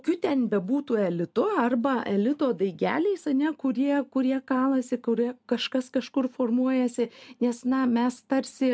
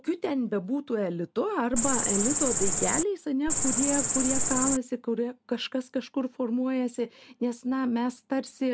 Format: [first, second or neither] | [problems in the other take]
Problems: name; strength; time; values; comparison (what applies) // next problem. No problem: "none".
first | background sound (Cricket); 3 dB above the speech